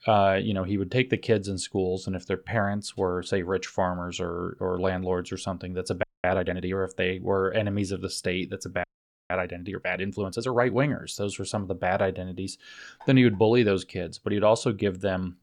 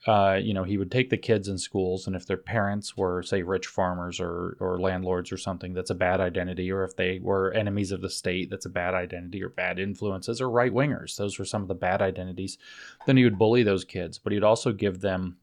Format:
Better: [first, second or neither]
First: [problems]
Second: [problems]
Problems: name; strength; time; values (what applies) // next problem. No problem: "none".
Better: second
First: audio freezing; at 6 s and at 9 s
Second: none